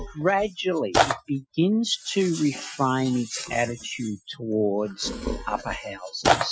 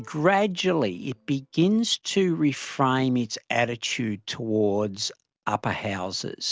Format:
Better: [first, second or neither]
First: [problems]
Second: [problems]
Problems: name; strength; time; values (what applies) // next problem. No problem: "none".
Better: second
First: noise reduction (classical method Wiener filter)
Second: none